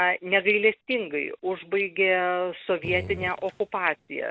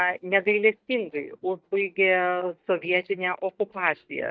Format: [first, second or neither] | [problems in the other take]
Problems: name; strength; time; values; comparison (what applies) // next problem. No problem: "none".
first | noise reduction (neural mask model DeepFilterNet 3)